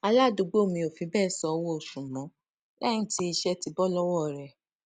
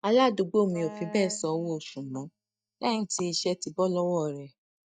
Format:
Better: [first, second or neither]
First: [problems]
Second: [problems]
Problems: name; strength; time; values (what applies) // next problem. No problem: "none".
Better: first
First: none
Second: noise reduction (neural mask model DeepFilterNet 3)